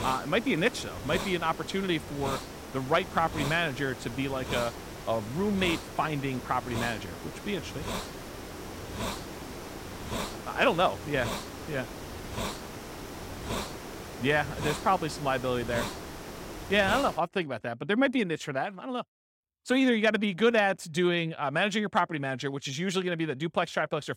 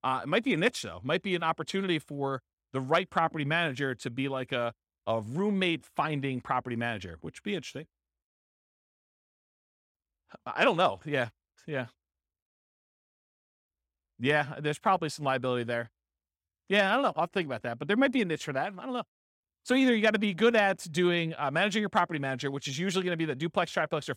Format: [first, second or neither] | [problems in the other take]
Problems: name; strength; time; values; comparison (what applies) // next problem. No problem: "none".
second | hiss; loud; until 17 s; 9 dB below the speech